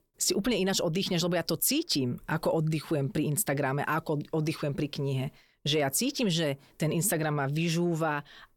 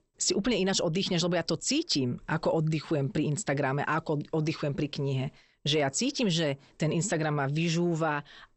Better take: first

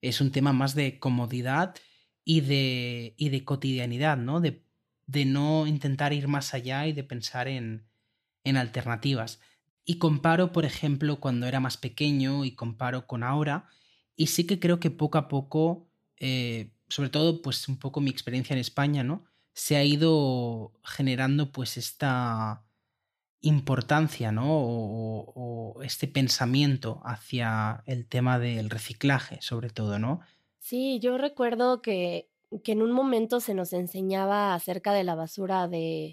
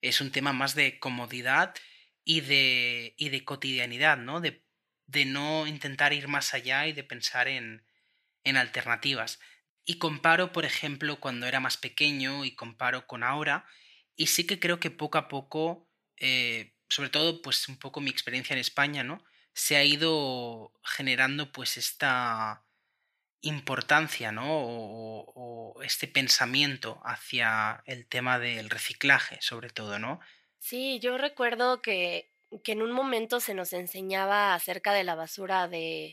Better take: first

